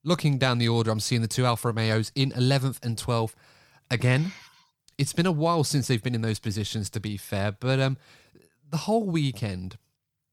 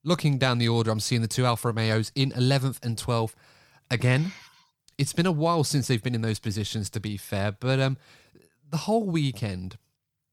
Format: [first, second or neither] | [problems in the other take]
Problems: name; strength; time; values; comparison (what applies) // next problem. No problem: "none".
neither | none